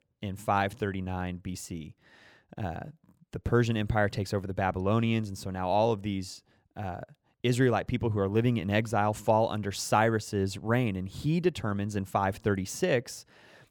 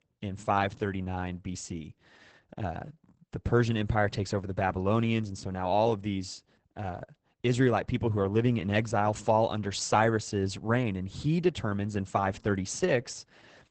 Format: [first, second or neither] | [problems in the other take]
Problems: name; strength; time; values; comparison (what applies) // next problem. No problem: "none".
first | garbled, watery; badly; nothing above 8 kHz